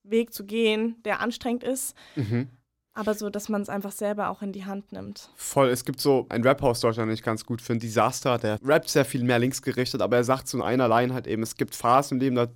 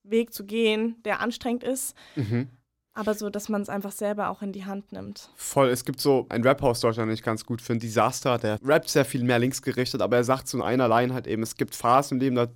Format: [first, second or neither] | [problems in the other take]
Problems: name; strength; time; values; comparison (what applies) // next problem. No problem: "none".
neither | none